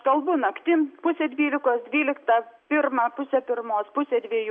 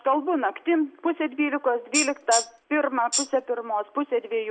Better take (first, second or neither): first